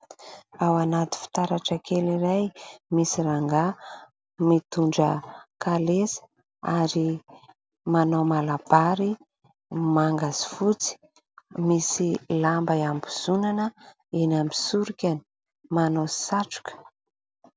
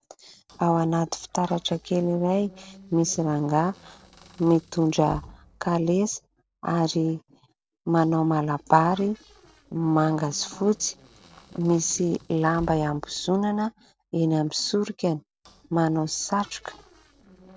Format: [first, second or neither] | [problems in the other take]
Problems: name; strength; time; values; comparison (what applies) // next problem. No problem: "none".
first | noise reduction (neural separator model SepFormer DNS4)